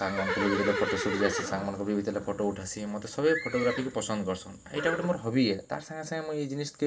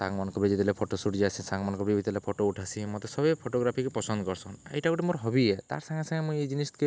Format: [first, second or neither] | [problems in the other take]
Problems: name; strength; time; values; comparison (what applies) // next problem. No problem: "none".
second | background sound (Livestock, farm animals, working animals); 6 dB below the speech // room echo; dies away in 0.2 s